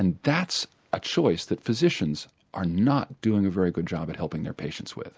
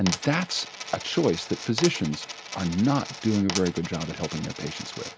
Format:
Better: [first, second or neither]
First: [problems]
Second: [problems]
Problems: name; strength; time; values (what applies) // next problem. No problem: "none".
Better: first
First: none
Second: background sound (Coin (dropping)); 10 dB below the speech